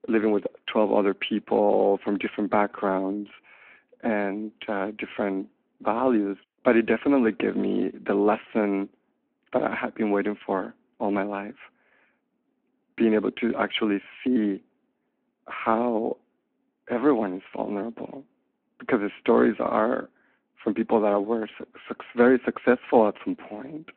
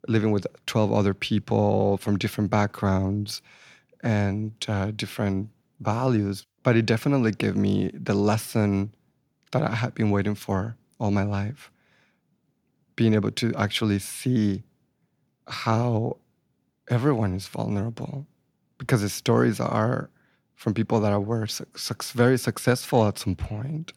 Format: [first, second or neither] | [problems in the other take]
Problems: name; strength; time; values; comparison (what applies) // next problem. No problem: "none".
second | phone-call audio